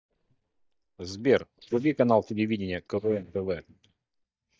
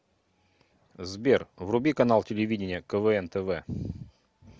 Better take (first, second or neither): second